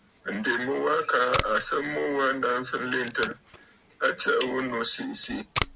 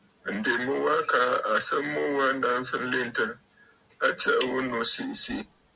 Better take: second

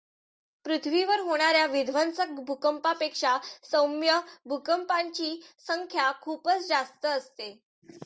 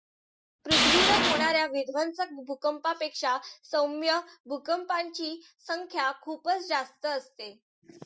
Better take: first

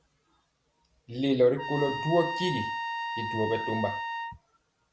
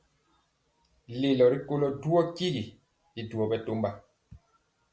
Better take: second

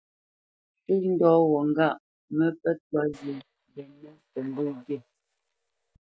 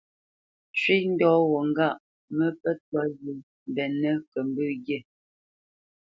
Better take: second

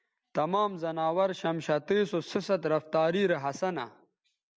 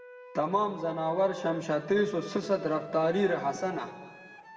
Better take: first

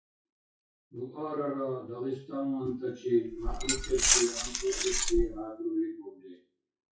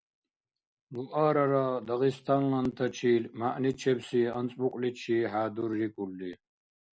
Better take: second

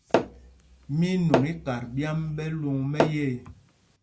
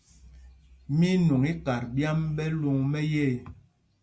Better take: second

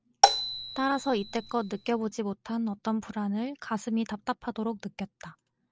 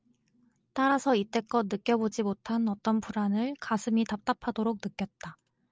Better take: second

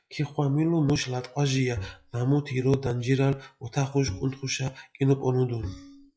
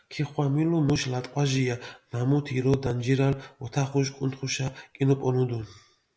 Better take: second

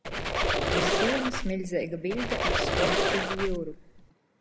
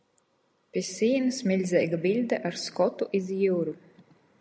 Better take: second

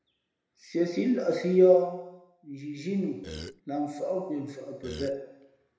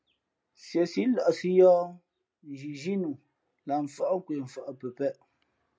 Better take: second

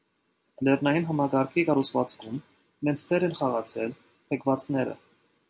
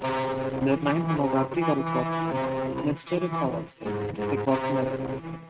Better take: first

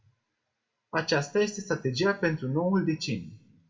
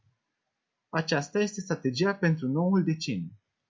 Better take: second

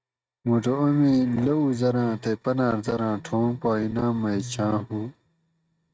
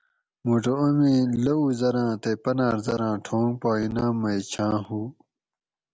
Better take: second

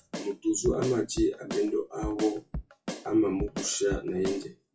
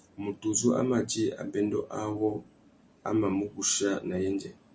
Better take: second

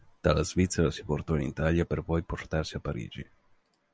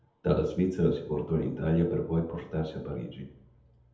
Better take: first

